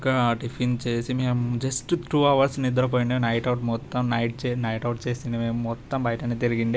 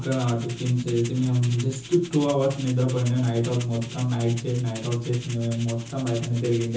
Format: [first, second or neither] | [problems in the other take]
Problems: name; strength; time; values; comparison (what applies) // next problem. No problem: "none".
first | background sound (Rattle (instrument)); 18 dB below the speech // room echo; dies away in 0.6 s